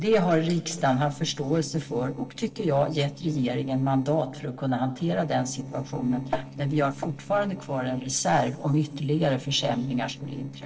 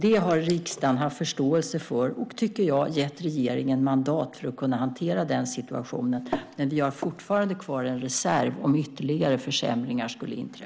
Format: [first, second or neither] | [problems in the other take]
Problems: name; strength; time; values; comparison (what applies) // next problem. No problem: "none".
second | noise reduction (neural separator model SepFormer DNS4)